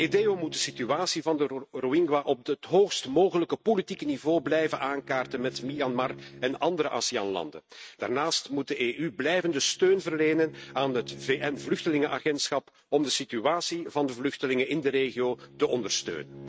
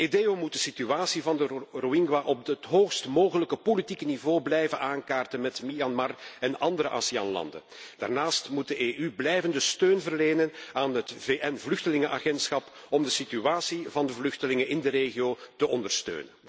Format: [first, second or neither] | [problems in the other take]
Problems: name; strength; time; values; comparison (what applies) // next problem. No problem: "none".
second | noise reduction (neural mask model RNNoise)